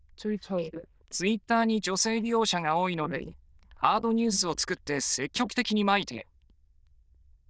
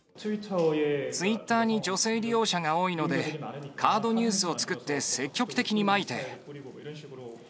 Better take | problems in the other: second | noise reduction (neural diffusion model UNIVERSE++)

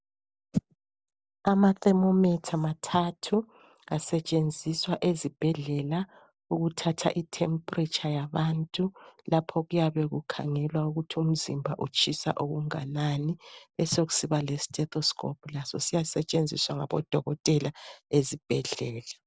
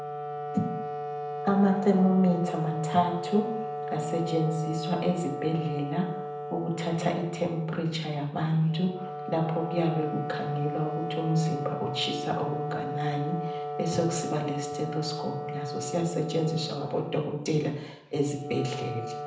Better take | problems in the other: first | background sound (Wind instrument, woodwind instrument); 6 dB below the speech // room echo; dies away in 0.7 s

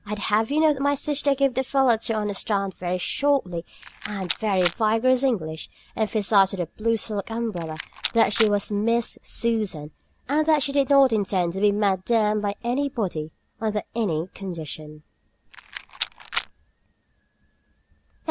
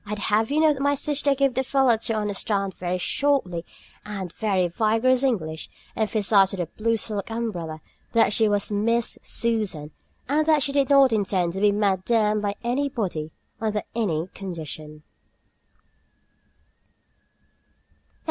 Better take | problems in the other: second | background sound (Rattle); 9 dB below the speech

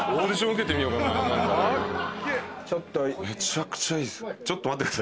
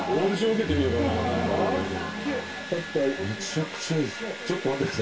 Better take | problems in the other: first | background sound (Domestic sounds, home sounds); 11 dB below the speech // room echo; dies away in 0.2 s

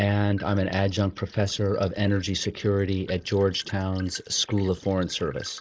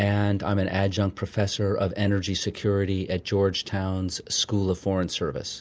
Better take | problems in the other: second | noise reduction (neural mask model Resemble Enhance denoiser)

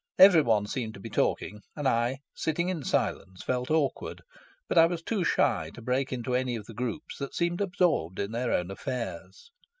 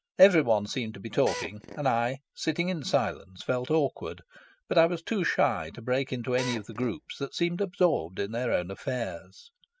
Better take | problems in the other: first | background sound (Drill); 11 dB below the speech

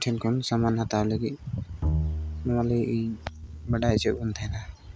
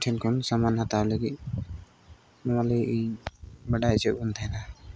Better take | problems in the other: second | background sound (Bowed string instrument); 5 dB below the speech

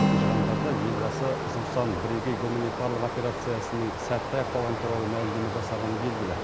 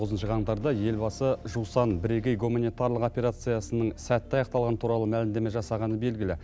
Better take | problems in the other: second | background sound (Stream + Acoustic guitar); 1 dB above the speech

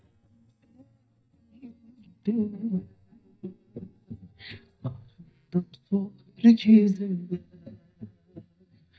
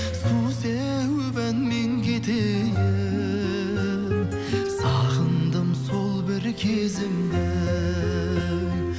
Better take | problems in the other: second | noise reduction (neural mask model DeepFilterNet 3)

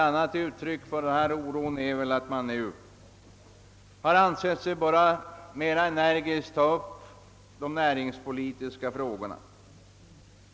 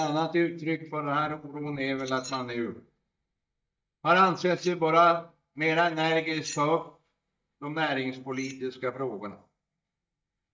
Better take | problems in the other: first | noise reduction (neural mask model DeepFilterNet 3)

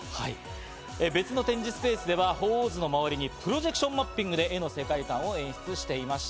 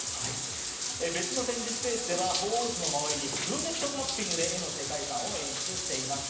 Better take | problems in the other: first | background sound (Bathtub (filling or washing)); 1 dB above the speech // room echo; dies away in 0.8 s

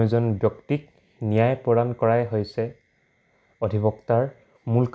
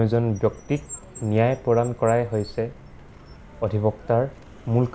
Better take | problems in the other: first | background sound (Car); 18 dB below the speech

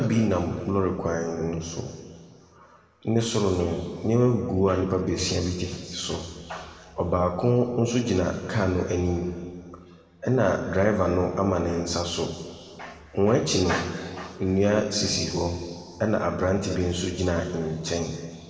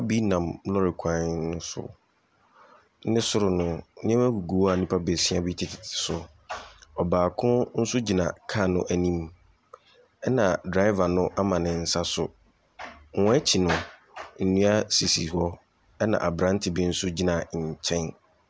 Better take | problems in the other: second | room echo; dies away in 1.9 s

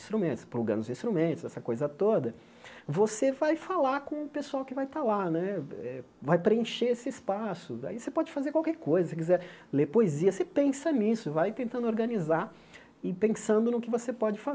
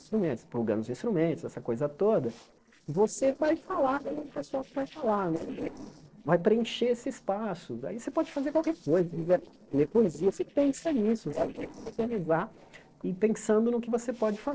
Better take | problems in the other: first | noise reduction (neural separator model SepFormer DNS4)

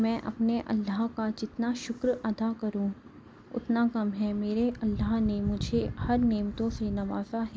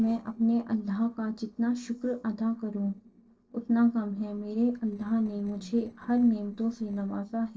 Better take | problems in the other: first | noise reduction (neural separator model SepFormer DNS4)

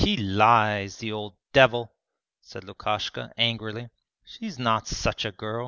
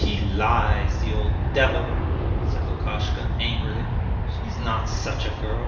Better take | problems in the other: first | background sound (Aircraft); 5 dB above the speech // room echo; dies away in 0.9 s

